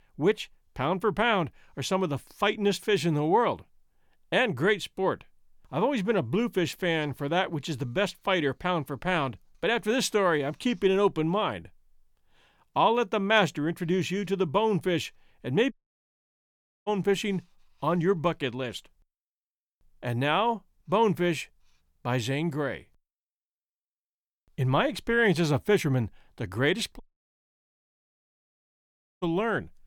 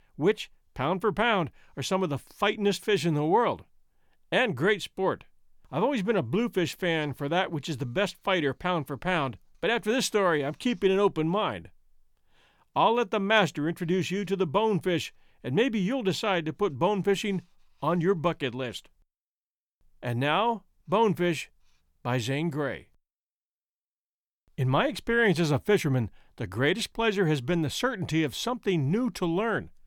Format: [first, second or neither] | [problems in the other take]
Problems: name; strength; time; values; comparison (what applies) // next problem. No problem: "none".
second | audio cutting out; at 16 s for 1 s and at 27 s for 2 s